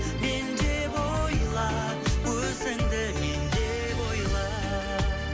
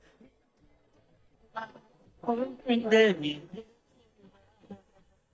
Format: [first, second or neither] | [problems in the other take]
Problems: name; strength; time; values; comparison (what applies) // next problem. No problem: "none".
first | noise reduction (neural mask model DeepFilterNet 3)